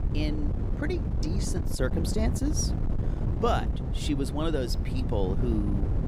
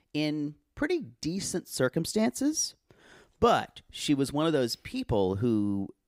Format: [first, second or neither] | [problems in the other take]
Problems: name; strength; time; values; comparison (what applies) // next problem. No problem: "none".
second | wind noise on the microphone; heavy; 7 dB below the speech